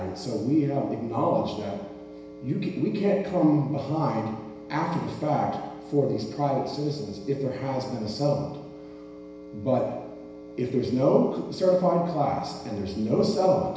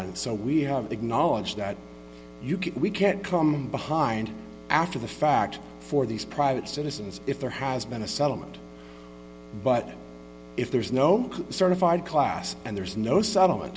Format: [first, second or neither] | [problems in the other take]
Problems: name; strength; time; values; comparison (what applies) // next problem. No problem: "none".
second | room echo; dies away in 1 s